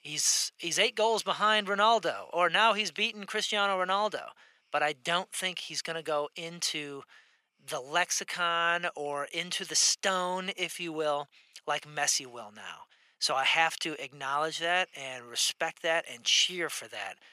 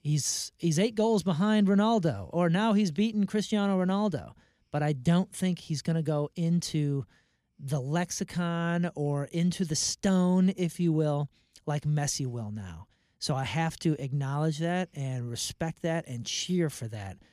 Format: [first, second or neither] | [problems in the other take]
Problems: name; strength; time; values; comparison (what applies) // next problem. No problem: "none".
second | thin; very; fading below 750 Hz